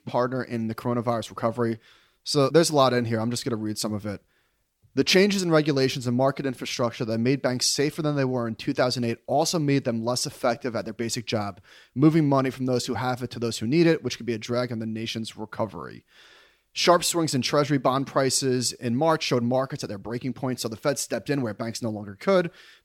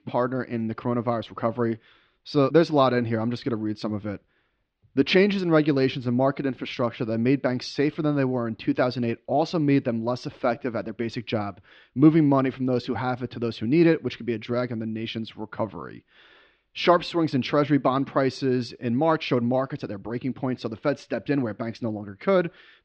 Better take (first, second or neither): first